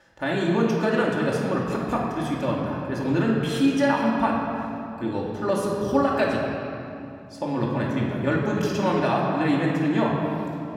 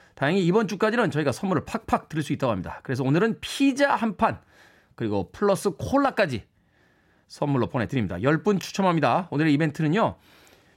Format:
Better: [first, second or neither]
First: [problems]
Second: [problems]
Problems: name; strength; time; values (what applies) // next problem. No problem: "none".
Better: second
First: off-mic speech; far // room echo; noticeable; dies away in 2.4 s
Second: none